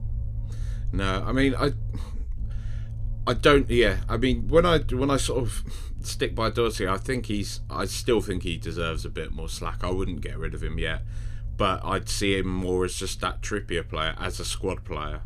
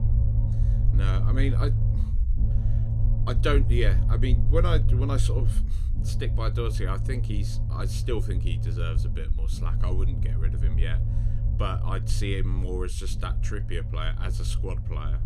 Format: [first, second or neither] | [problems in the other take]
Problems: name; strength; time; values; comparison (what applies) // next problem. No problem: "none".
first | low rumble; loud; throughout; 7 dB below the speech; faint in the first